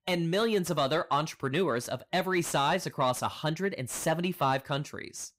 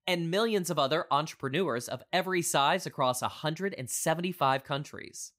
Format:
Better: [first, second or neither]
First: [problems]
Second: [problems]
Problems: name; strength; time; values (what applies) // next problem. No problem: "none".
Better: second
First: distortion; slight; 10 dB below the speech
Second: none